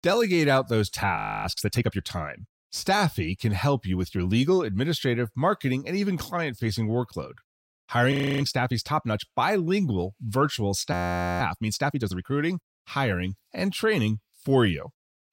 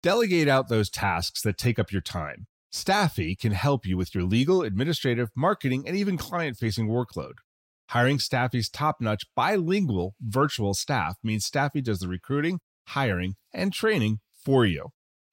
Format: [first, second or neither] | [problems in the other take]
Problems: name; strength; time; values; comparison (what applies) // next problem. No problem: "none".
second | audio freezing; at 1 s, at 8 s and at 11 s